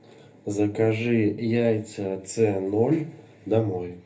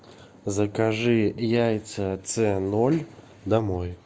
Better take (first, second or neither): second